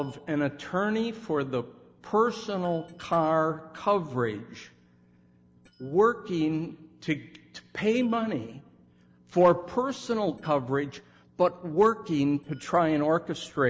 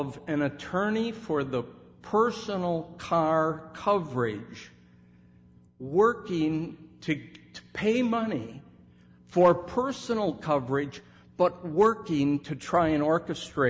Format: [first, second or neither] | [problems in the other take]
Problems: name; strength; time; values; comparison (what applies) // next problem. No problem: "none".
second | noise reduction (neural separator model SepFormer DNS4)